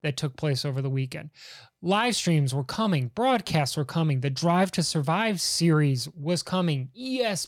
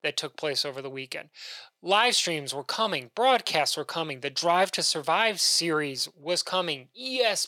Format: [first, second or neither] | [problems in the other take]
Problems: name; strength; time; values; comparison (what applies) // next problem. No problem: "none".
first | thin; very; fading below 500 Hz